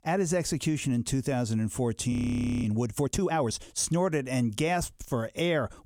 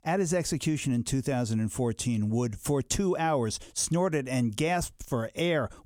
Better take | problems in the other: second | audio freezing; at 2 s for 0.5 s

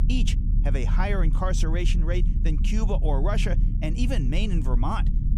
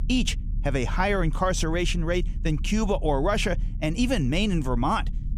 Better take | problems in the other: second | low rumble; loud; throughout; 10 dB below the speech; faint in the second

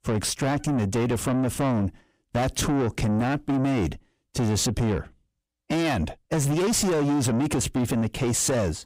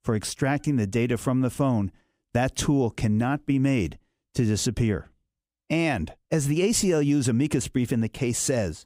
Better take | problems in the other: second | distortion; heavy; 7 dB below the speech

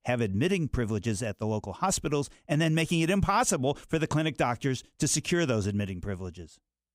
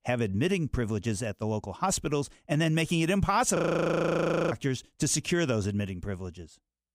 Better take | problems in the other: first | audio freezing; at 3.5 s for 1 s

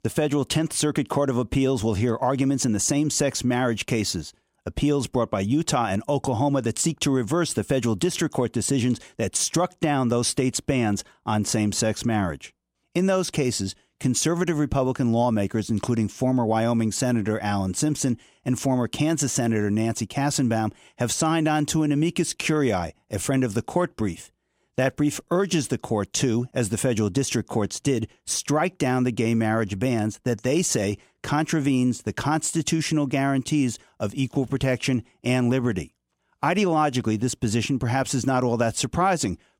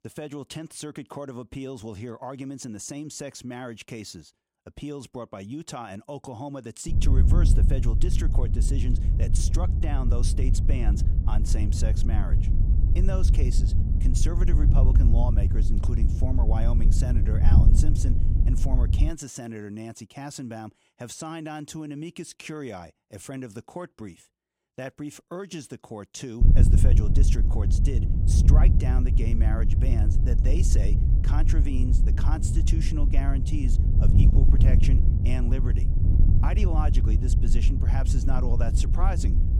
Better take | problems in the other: first | wind noise on the microphone; heavy; from 7 to 19 s and from 26 s on; 2 dB below the speech

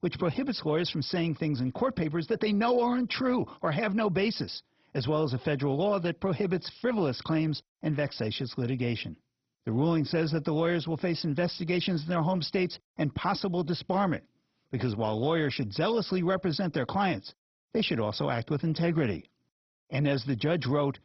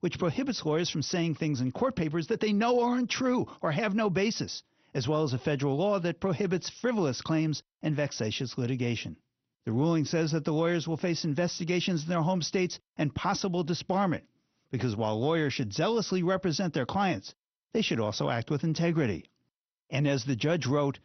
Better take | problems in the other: second | garbled, watery; badly; nothing above 5.5 kHz; slightly in the second

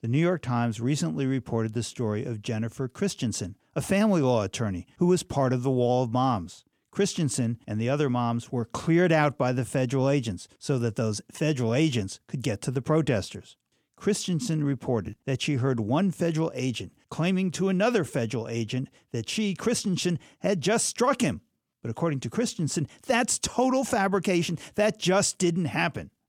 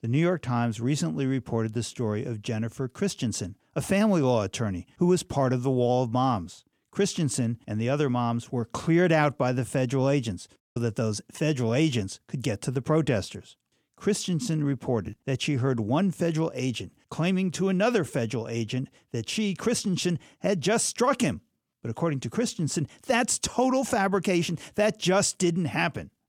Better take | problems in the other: first | audio cutting out; at 11 s

